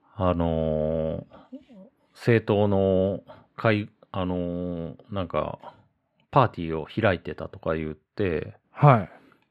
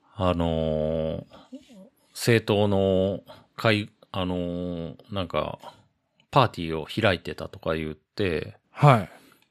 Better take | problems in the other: second | muffled; slightly; fading above 3.5 kHz

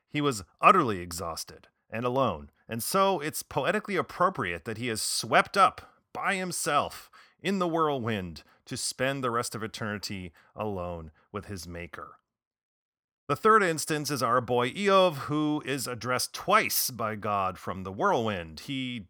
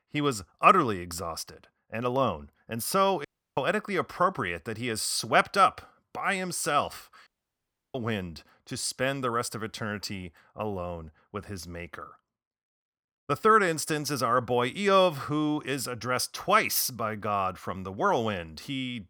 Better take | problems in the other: first | audio cutting out; at 3.5 s and at 7.5 s for 0.5 s

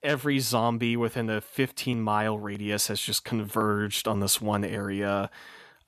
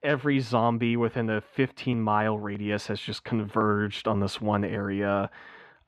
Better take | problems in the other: first | muffled; slightly; fading above 2.5 kHz

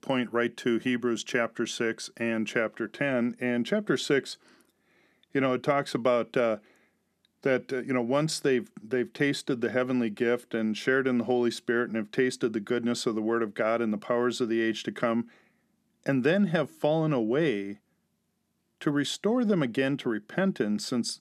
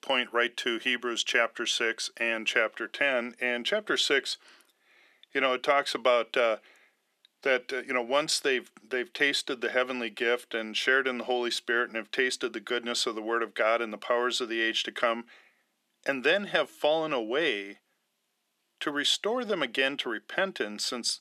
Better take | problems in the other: first | thin; somewhat; fading below 550 Hz

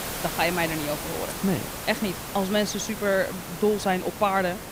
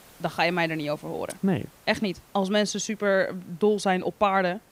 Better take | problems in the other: second | hiss; loud; throughout; 7 dB below the speech; faint in the second

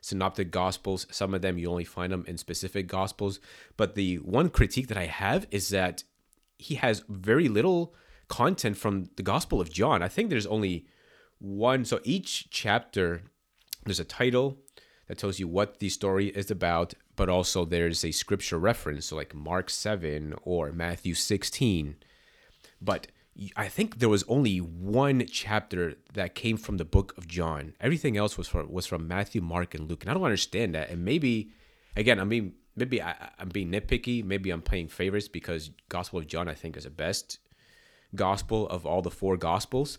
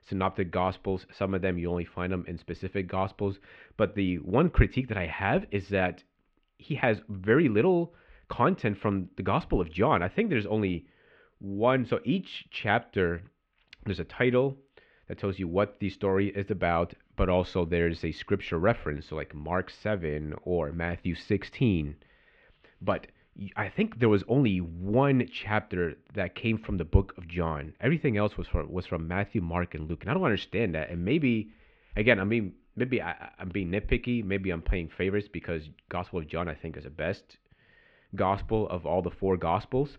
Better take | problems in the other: first | muffled; very; fading above 2.5 kHz

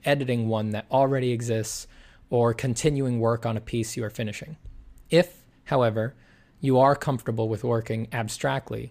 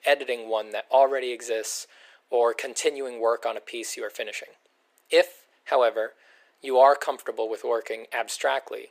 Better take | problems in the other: first | thin; very; fading below 400 Hz

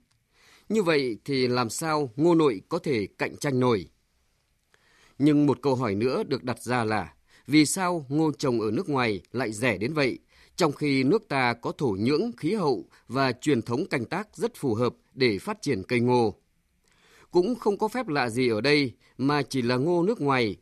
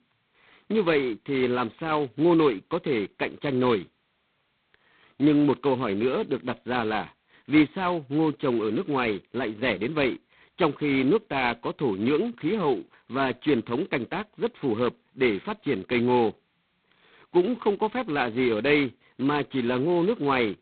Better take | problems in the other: first | phone-call audio; poor line; nothing above 4 kHz

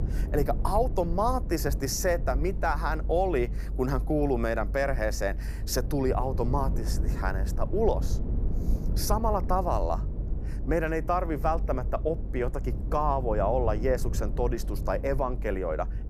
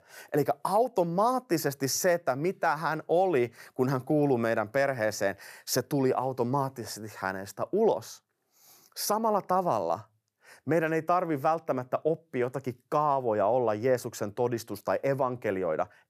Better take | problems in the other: second | low rumble; noticeable; throughout; 15 dB below the speech

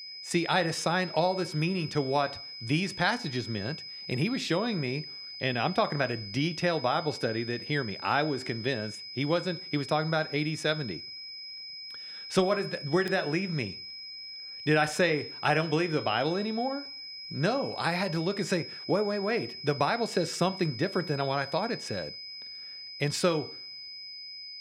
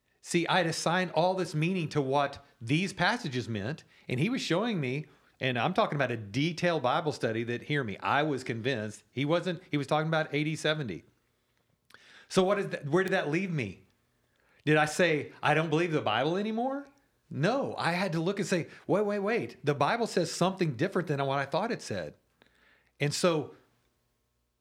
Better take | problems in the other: second | high-pitched whine; loud; throughout; 5 kHz, 10 dB below the speech

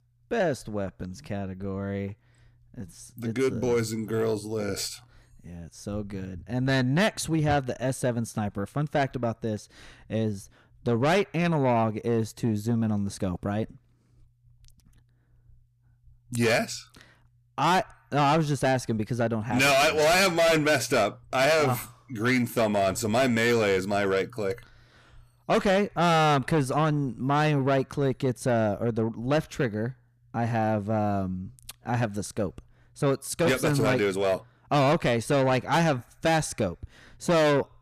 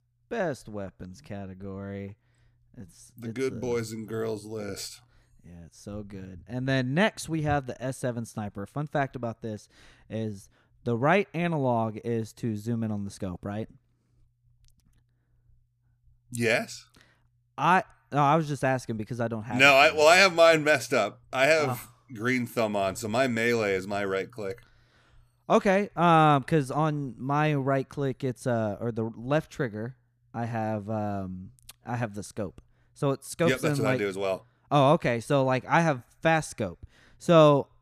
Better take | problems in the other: second | distortion; heavy; 6 dB below the speech

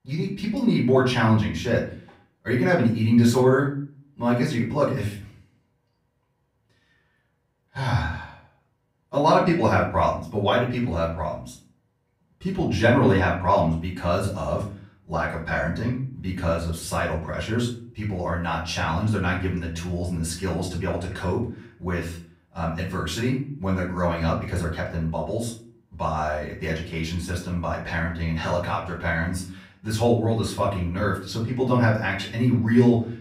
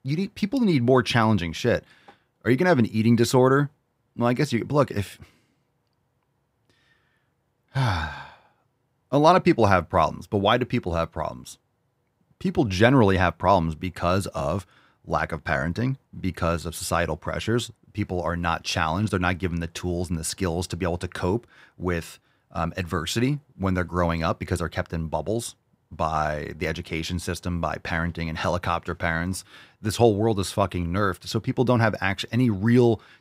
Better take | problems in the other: second | off-mic speech; far // room echo; slight; dies away in 0.4 s

